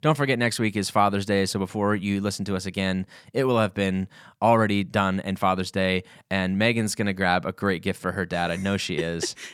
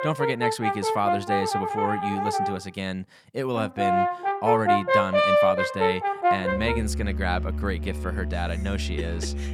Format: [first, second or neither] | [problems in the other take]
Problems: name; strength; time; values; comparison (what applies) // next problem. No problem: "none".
first | background music; very loud; throughout; 4 dB above the speech